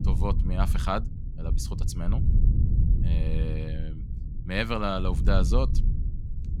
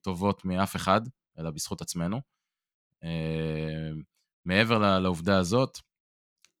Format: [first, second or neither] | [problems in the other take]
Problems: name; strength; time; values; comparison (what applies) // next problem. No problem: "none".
second | low rumble; noticeable; throughout; 10 dB below the speech